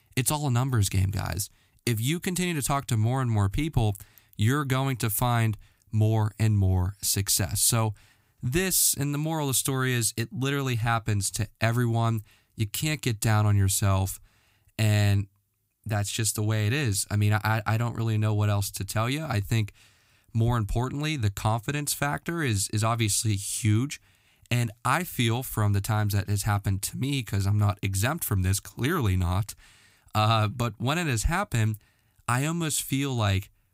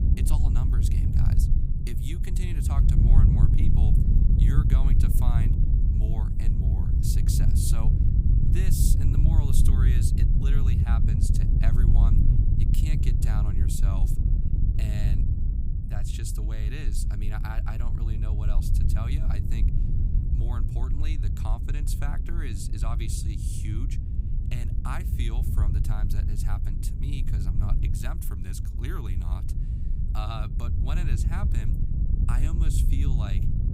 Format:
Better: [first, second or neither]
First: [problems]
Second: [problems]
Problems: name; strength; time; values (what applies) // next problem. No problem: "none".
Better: first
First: none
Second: wind noise on the microphone; heavy; 1 dB above the speech